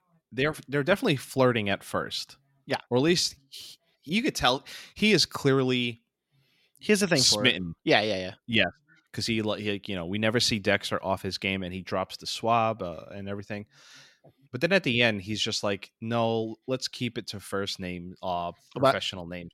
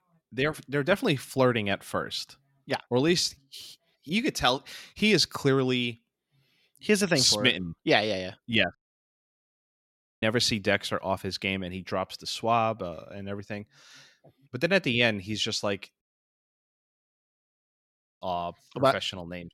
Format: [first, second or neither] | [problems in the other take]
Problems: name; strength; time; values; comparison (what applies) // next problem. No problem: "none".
first | audio cutting out; at 9 s for 1.5 s and at 16 s for 2 s